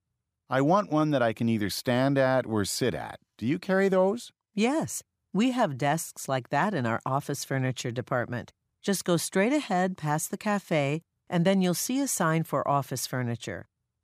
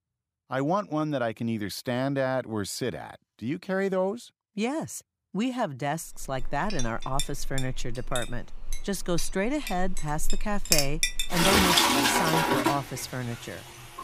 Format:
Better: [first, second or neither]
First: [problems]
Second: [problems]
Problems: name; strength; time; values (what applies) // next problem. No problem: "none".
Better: first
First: none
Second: household noises; very loud; from 6 s on; 5 dB above the speech